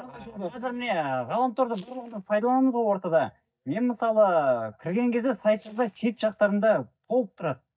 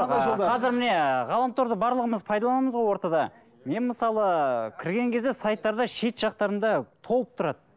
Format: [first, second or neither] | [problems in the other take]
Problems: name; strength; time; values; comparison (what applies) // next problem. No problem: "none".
second | noise reduction (neural mask model DeepFilterNet 3)